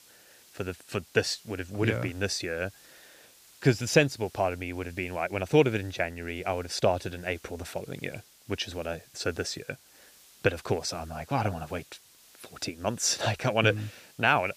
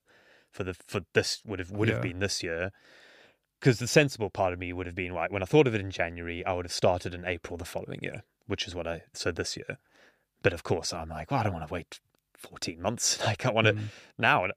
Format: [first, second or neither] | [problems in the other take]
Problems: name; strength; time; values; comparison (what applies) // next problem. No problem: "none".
second | hiss; faint; throughout; 25 dB below the speech